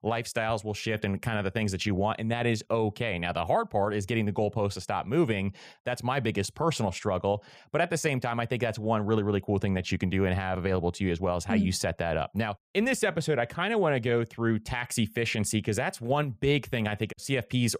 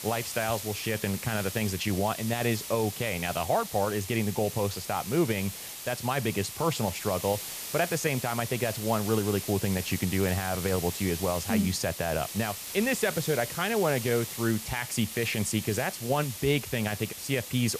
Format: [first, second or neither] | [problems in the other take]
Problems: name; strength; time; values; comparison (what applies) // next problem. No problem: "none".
first | hiss; loud; throughout; 7 dB below the speech